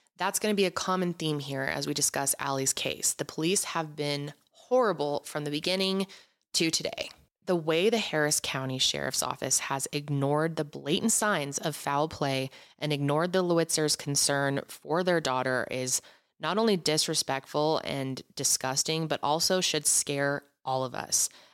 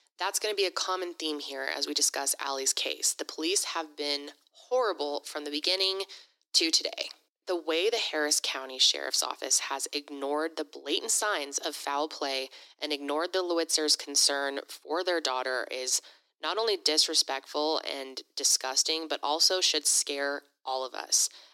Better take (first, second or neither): first